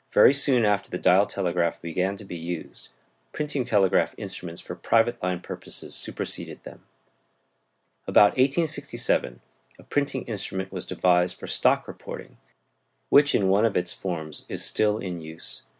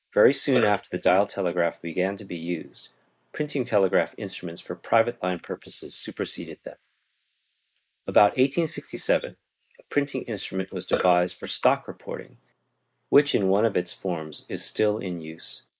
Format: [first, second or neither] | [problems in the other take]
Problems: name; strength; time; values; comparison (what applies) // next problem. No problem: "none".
first | noise reduction (neural mask model Resemble Enhance denoiser)